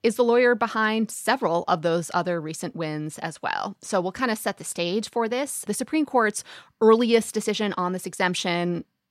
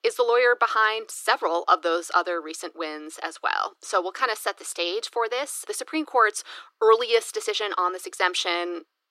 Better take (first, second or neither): first